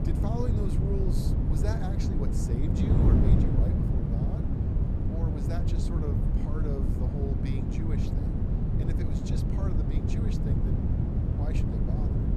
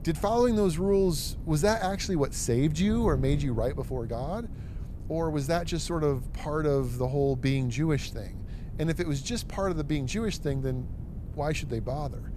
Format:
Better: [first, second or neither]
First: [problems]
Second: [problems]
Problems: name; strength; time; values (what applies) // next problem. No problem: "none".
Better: second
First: wind noise on the microphone; heavy; 4 dB above the speech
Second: wind noise on the microphone; occasional gusts; 20 dB below the speech